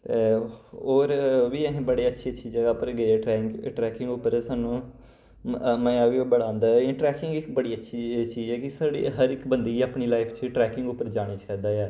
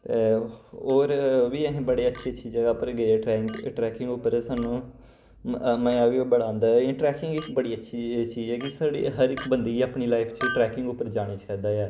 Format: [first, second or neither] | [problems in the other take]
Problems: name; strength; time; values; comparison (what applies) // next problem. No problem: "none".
first | background sound (Chink, clink); 19 dB below the speech